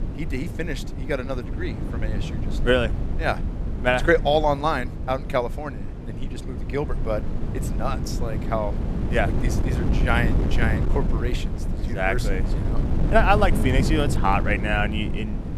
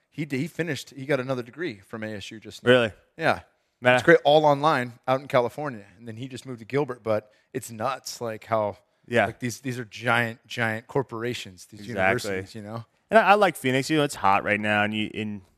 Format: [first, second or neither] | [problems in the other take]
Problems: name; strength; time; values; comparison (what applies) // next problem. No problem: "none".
second | wind noise on the microphone; occasional gusts; 10 dB below the speech